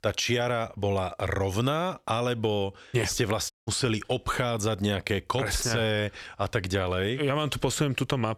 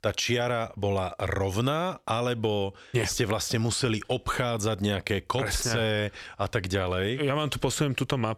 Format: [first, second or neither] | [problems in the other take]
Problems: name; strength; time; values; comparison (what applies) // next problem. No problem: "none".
second | audio cutting out; at 3.5 s